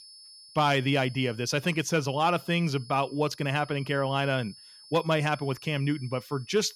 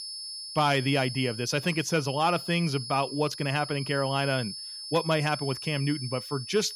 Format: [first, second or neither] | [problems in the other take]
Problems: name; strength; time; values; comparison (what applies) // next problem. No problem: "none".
first | high-pitched whine; loud; throughout; 5 kHz, 9 dB below the speech; faint in the first